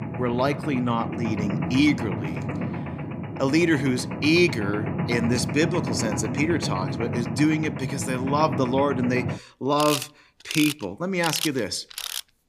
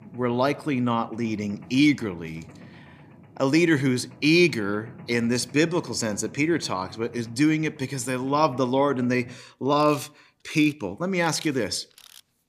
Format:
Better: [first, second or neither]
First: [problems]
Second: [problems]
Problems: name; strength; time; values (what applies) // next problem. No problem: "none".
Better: second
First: machinery noise; loud; throughout; 5 dB below the speech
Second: machinery noise; faint; throughout; 25 dB below the speech